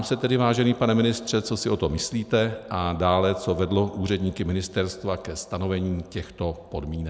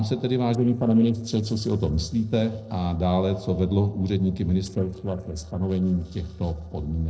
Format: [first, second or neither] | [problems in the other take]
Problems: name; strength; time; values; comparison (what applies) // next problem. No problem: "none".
first | noise reduction (neural separator model SepFormer DNS4)